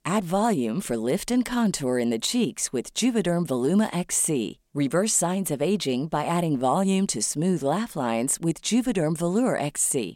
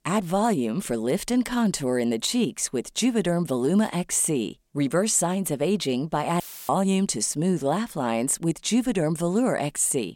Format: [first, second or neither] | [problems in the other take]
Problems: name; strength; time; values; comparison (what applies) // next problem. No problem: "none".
first | audio cutting out; filled with static; at 6.5 s